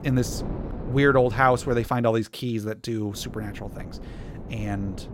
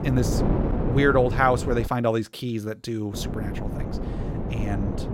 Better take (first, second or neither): first